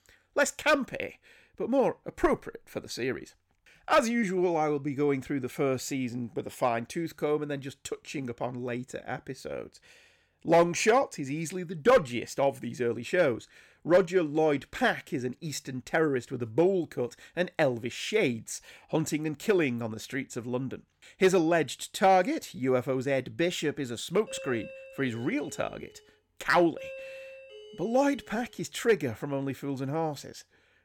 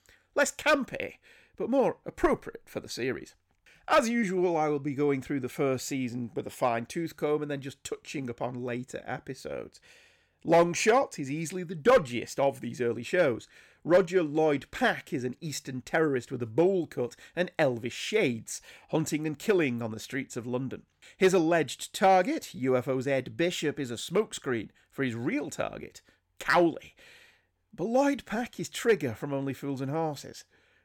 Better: second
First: doorbell; faint; from 24 to 28 s; peak 10 dB below the speech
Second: none

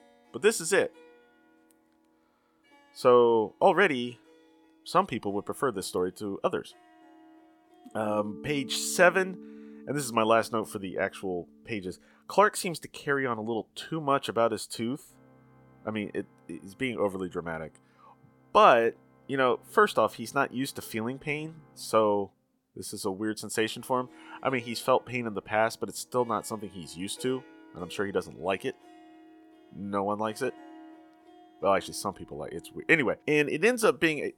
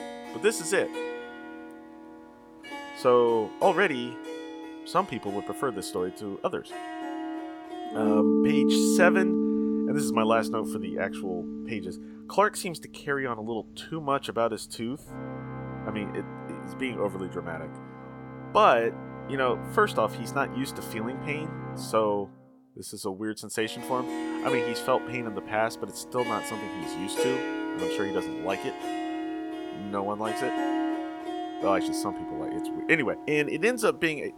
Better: first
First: background music; faint; throughout; 25 dB below the speech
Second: background music; loud; throughout; 4 dB below the speech

